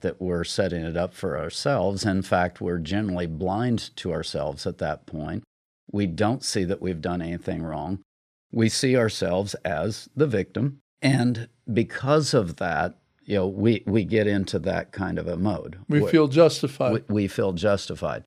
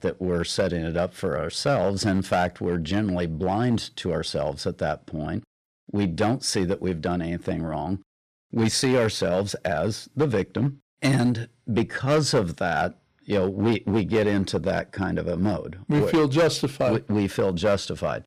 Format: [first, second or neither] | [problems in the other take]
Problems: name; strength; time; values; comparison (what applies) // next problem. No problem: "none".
first | distortion; slight; 5% of the sound clipped